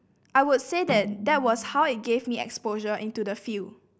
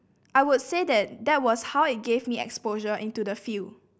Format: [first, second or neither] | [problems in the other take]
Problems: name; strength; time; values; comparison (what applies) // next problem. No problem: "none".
second | background sound (Snare drum); 12 dB below the speech